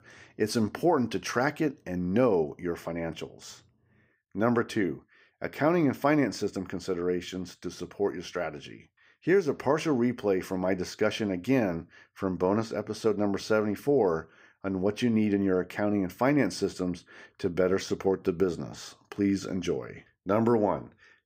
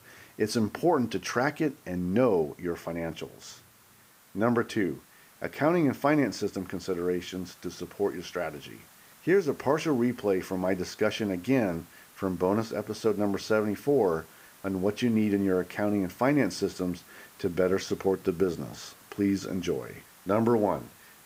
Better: first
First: none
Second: hiss; faint; throughout; 25 dB below the speech

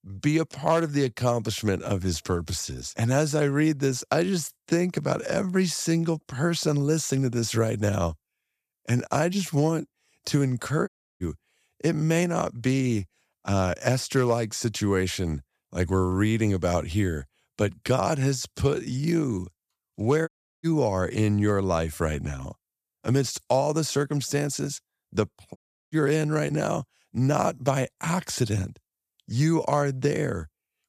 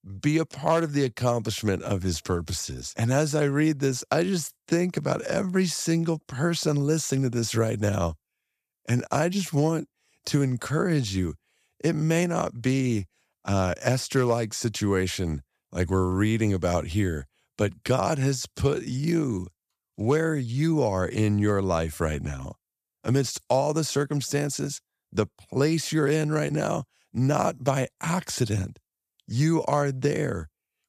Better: second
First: audio cutting out; at 11 s, at 20 s and at 26 s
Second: none

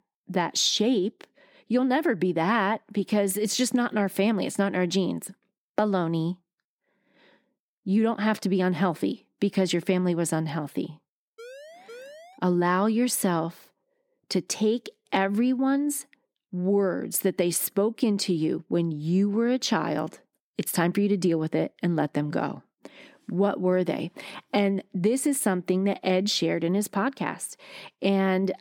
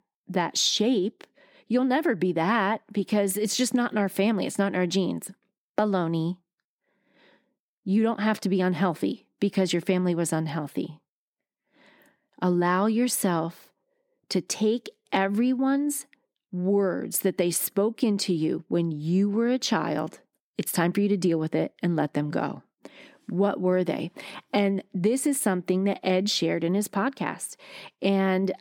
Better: second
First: siren; faint; from 11 to 12 s; peak 20 dB below the speech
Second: none

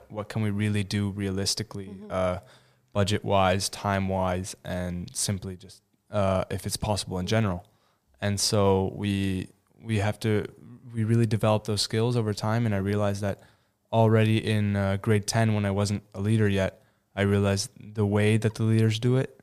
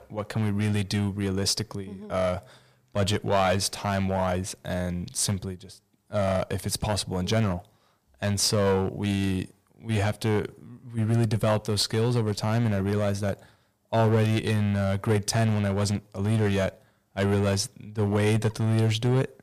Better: first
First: none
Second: distortion; slight; 6% of the sound clipped

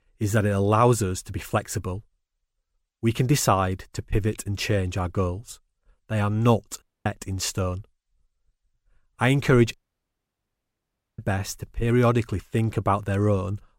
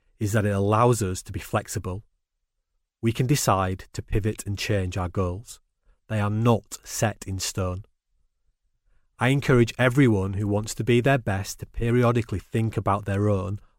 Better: second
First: audio cutting out; at 7 s and at 9.5 s for 1.5 s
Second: none

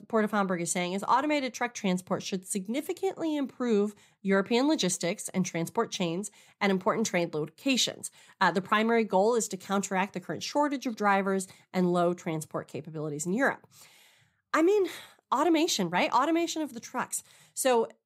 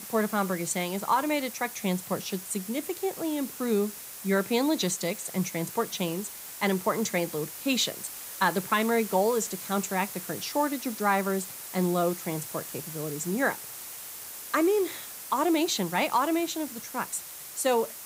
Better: first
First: none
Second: hiss; loud; throughout; 9 dB below the speech

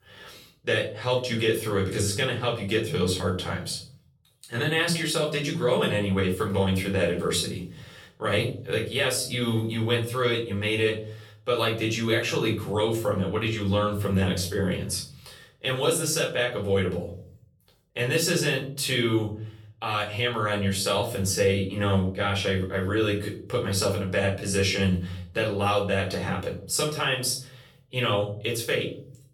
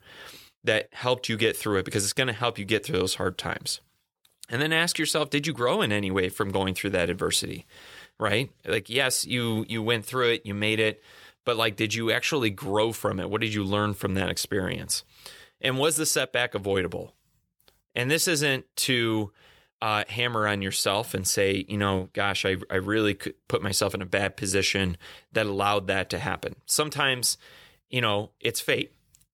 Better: second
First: room echo; slight; dies away in 0.6 s // off-mic speech; far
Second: none

